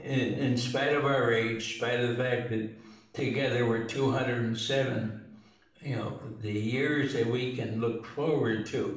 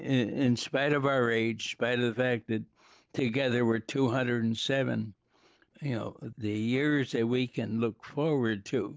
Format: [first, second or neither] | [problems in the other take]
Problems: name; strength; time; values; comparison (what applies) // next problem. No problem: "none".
second | room echo; dies away in 0.7 s